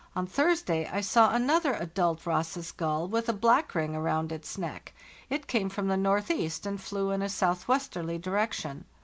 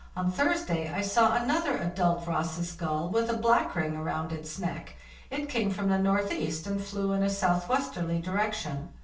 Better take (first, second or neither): first